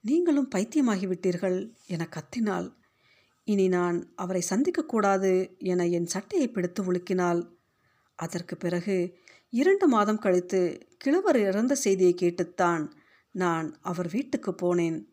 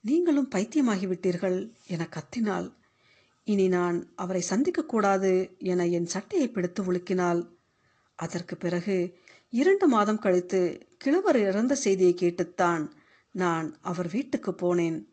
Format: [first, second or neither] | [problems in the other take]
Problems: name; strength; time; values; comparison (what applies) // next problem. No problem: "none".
first | garbled, watery; slightly; nothing above 7.5 kHz